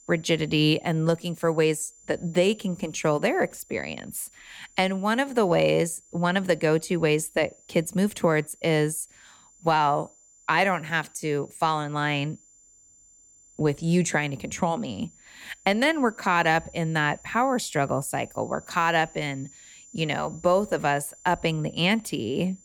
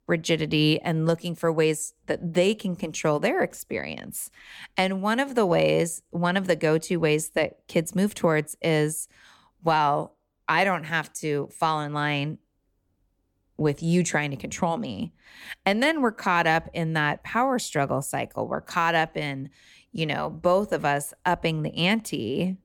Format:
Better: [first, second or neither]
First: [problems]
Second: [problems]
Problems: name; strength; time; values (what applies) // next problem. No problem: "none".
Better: second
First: high-pitched whine; faint; throughout; 7 kHz, 25 dB below the speech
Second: none